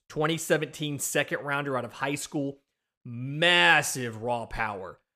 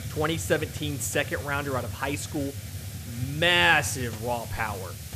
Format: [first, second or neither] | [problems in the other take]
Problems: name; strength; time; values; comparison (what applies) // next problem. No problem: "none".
first | hiss; noticeable; throughout; 10 dB below the speech